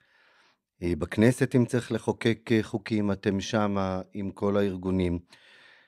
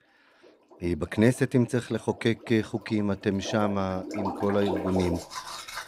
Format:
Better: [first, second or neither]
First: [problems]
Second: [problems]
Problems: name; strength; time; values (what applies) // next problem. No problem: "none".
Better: first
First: none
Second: household noises; loud; throughout; 8 dB below the speech